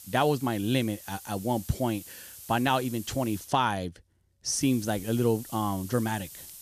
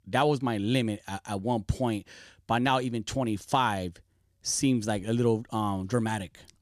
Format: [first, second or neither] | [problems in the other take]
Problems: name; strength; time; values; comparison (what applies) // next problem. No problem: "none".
second | hiss; noticeable; until 3.5 s and from 4.5 s on; 15 dB below the speech